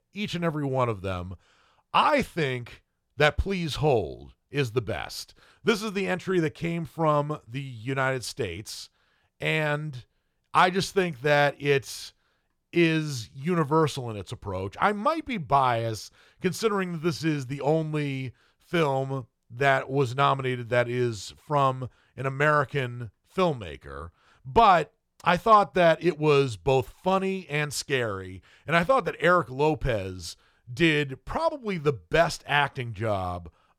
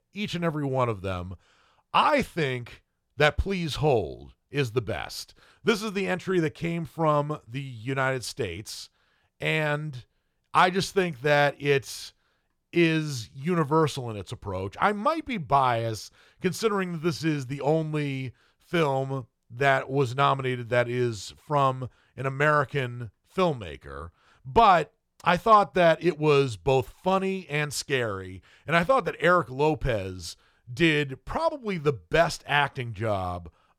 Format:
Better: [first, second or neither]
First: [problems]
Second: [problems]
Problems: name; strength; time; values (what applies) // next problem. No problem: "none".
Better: neither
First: none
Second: none